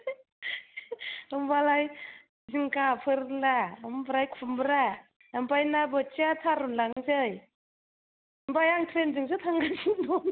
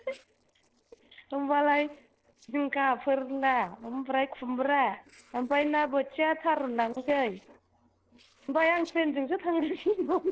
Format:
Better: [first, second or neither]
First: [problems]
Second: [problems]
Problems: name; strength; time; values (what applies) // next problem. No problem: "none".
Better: first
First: none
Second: noise reduction (neural separator model SepFormer DNS4)